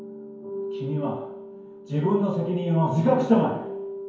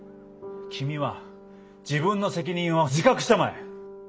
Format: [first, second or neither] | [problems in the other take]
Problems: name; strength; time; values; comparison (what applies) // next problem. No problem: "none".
second | room echo; dies away in 0.9 s